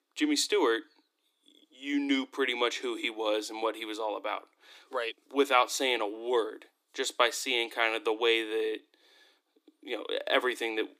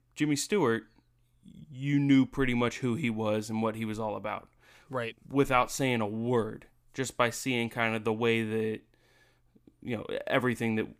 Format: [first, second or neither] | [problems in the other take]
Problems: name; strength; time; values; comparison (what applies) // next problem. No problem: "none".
second | thin; somewhat; fading below 300 Hz